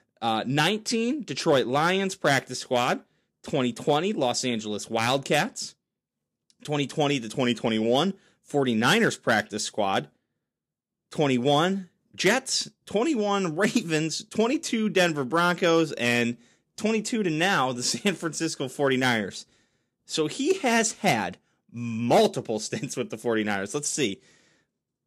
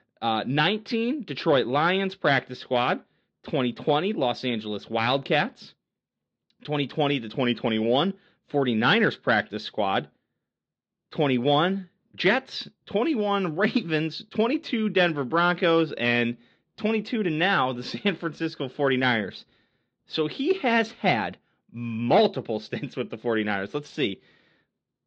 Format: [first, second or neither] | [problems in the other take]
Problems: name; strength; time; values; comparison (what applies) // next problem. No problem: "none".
first | muffled; slightly; fading above 4 kHz